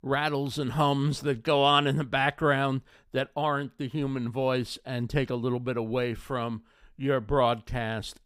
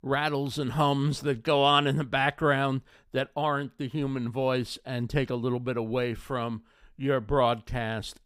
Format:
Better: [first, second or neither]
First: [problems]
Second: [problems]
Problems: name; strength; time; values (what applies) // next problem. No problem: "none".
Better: neither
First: none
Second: none